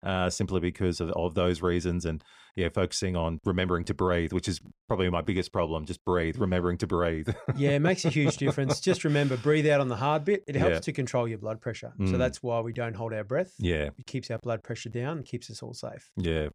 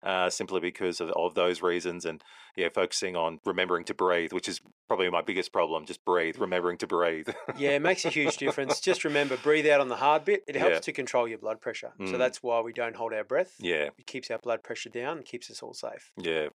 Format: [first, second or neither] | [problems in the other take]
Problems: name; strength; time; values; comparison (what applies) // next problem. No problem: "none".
first | thin; somewhat; fading below 400 Hz